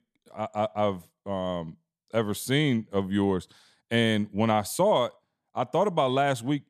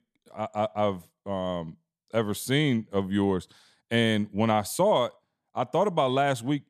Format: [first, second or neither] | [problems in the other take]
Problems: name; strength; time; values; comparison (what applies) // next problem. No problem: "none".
neither | none